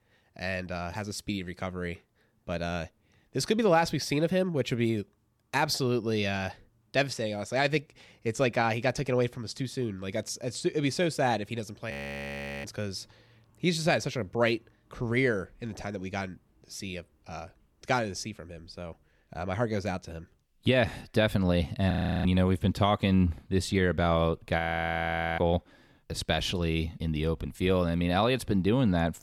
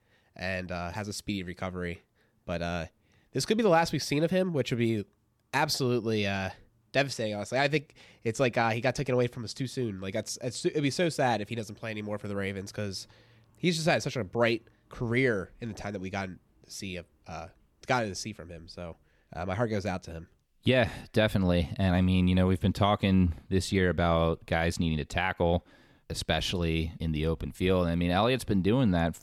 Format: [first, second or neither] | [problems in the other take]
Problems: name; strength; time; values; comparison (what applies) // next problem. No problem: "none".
second | audio freezing; at 12 s for 0.5 s, at 22 s and at 25 s for 1 s